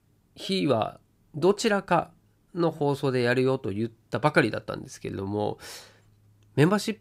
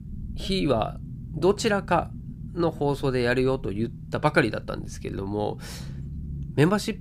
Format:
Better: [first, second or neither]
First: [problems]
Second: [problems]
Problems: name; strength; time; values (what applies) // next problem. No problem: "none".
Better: first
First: none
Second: low rumble; faint; throughout; 20 dB below the speech